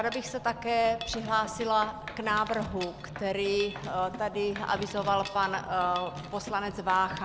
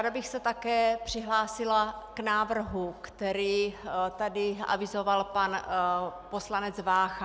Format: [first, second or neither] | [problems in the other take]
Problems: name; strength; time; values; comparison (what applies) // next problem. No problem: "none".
second | background sound (Mechanisms); 12 dB below the speech